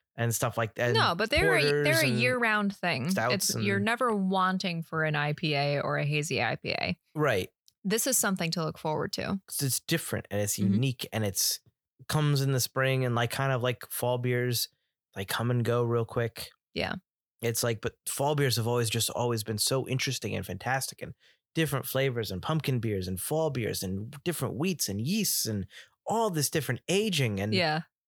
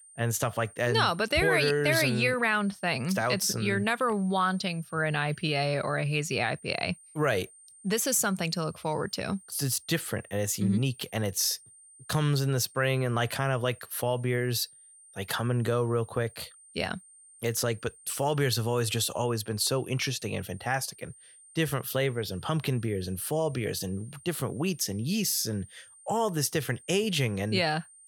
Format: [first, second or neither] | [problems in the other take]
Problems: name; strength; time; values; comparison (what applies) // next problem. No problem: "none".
first | high-pitched whine; faint; throughout; 9 kHz, 25 dB below the speech